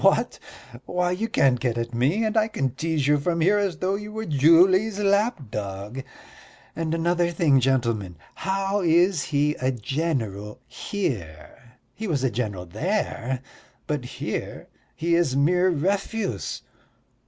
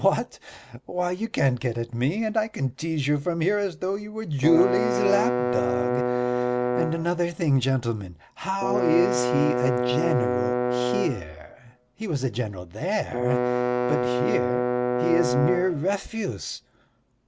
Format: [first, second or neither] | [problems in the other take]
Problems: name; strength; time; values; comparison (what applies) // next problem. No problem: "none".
first | background sound (Bowed string instrument); 1 dB above the speech